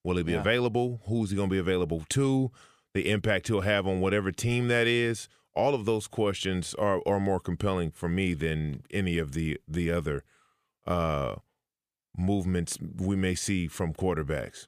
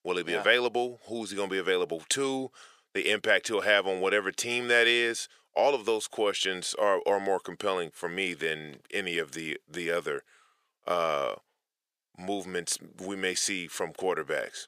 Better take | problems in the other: first | thin; very; fading below 500 Hz

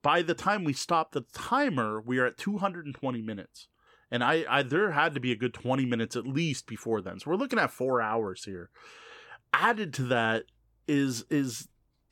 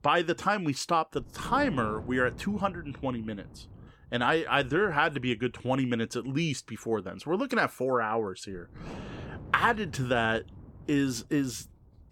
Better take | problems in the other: first | wind noise on the microphone; occasional gusts; 20 dB below the speech

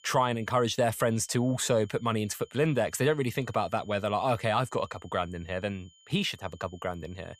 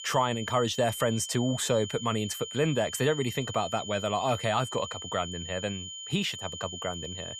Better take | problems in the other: first | high-pitched whine; loud; throughout; 3 kHz, 8 dB below the speech; faint in the first

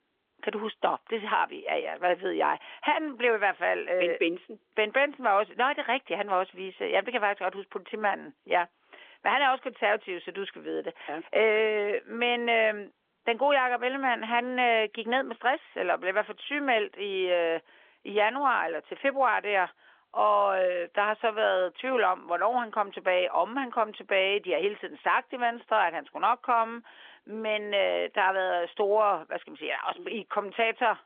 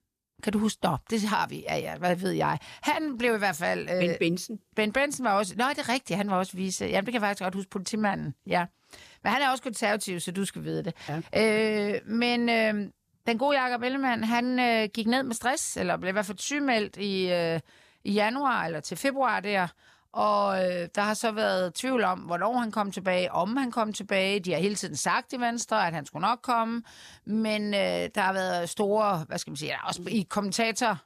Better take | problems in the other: second | phone-call audio; nothing above 3.5 kHz

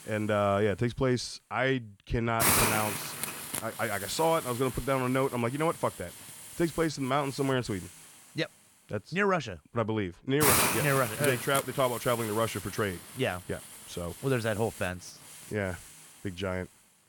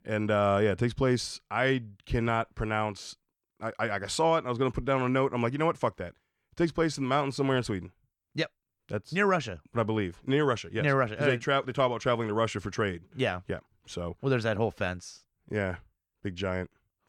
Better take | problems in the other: second | hiss; loud; throughout; 1 dB below the speech

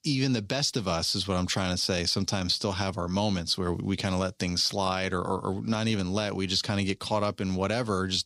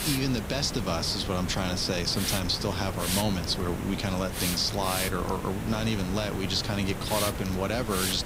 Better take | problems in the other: first | hiss; loud; throughout; 4 dB below the speech

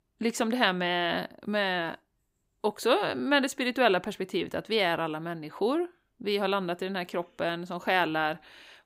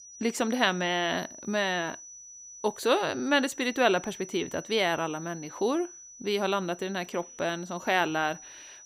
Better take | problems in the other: first | high-pitched whine; noticeable; throughout; 6 kHz, 15 dB below the speech

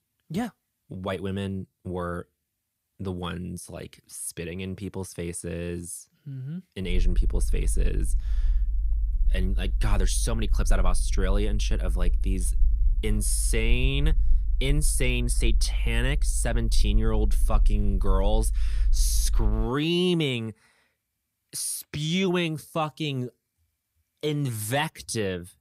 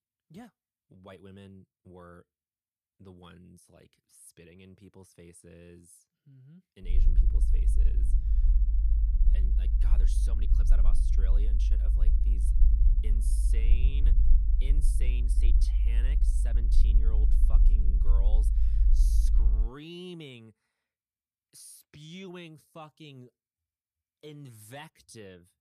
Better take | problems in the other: first | low rumble; loud; from 7 to 20 s; 1 dB below the speech; faint in the first

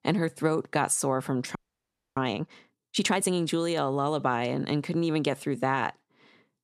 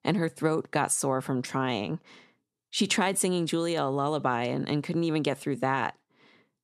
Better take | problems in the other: second | audio freezing; at 1.5 s for 0.5 s

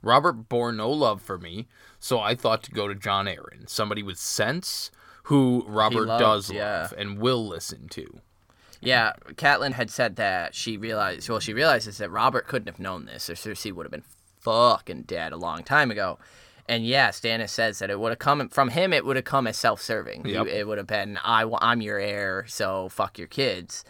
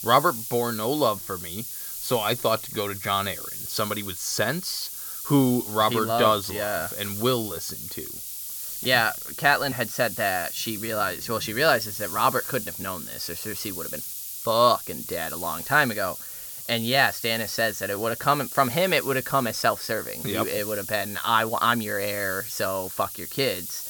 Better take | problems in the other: first | hiss; loud; throughout; 7 dB below the speech

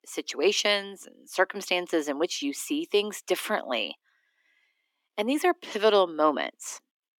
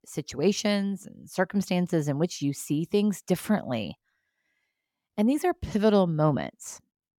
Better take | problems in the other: second | thin; somewhat; fading below 300 Hz

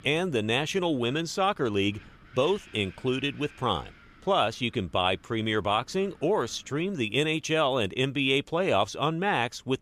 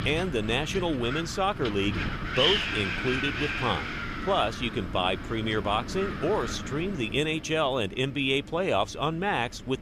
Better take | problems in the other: first | wind noise on the microphone; heavy; 3 dB below the speech; occasional gusts in the first

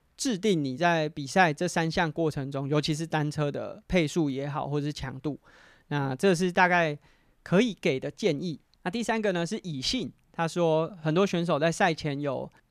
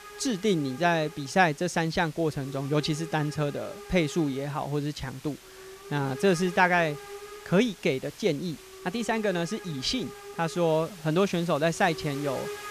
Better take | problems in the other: first | hiss; noticeable; throughout; 15 dB below the speech

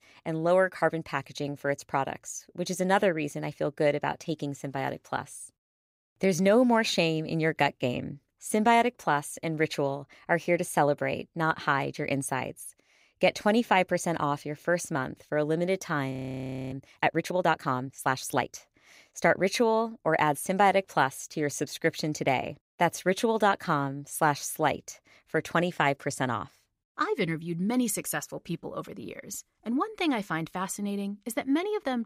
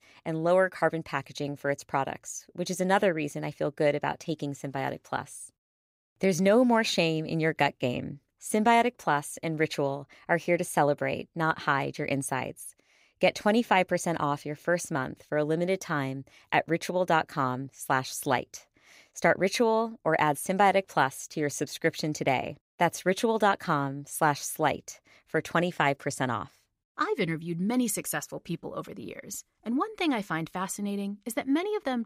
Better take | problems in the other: second | audio freezing; at 16 s for 0.5 s

